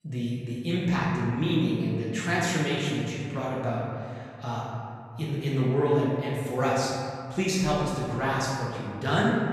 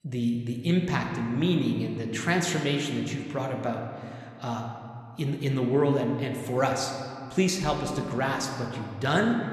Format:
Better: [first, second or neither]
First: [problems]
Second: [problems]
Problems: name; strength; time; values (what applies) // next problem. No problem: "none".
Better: second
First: room echo; strong; dies away in 2.1 s // off-mic speech; far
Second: room echo; slight; dies away in 2 s